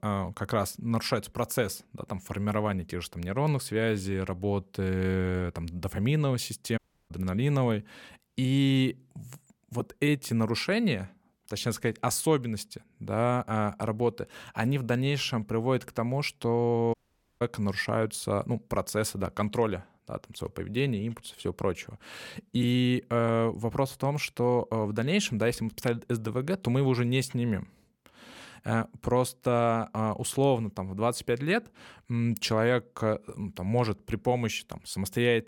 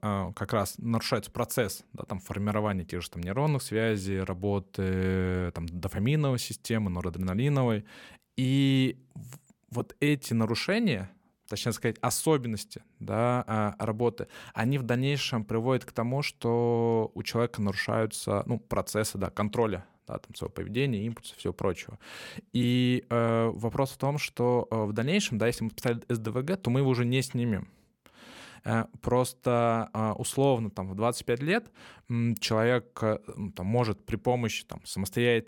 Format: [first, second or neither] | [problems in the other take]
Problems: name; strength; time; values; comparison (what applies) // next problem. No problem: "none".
second | audio cutting out; at 7 s and at 17 s